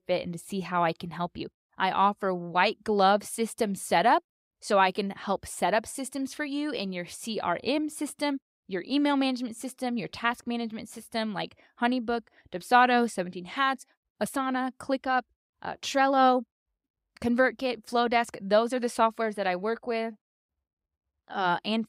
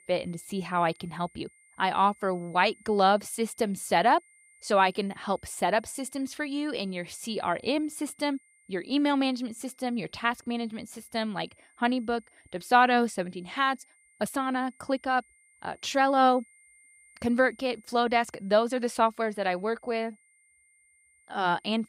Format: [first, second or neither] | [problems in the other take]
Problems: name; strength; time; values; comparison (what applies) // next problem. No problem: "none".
first | high-pitched whine; faint; throughout; 2 kHz, 30 dB below the speech